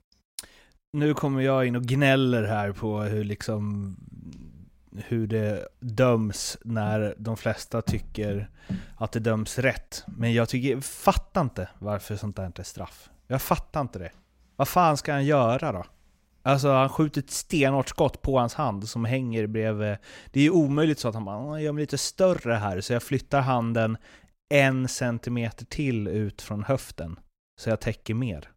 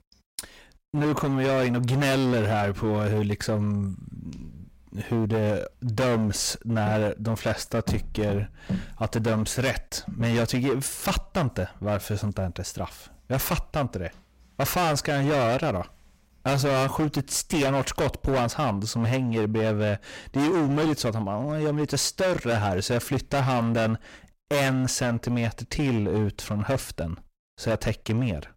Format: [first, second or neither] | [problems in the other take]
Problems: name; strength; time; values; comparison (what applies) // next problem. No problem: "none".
first | distortion; heavy; 18% of the sound clipped